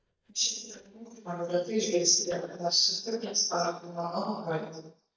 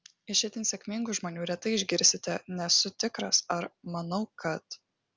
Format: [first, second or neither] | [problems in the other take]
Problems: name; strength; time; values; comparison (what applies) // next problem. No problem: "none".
second | noise reduction (neural mask model DeepFilterNet 3)